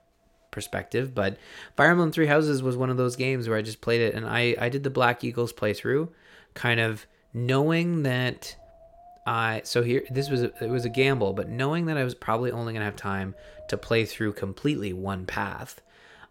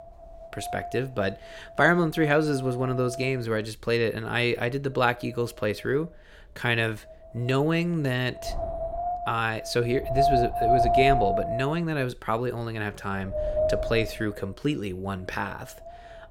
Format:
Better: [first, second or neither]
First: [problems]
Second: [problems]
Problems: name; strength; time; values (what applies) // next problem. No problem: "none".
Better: first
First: wind noise on the microphone; occasional gusts; 20 dB below the speech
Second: wind noise on the microphone; heavy; as loud as the speech